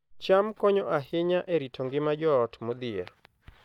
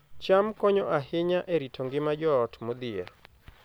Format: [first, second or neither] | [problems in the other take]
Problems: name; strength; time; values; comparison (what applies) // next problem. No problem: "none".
second | noise reduction (neural mask model DeepFilterNet 3)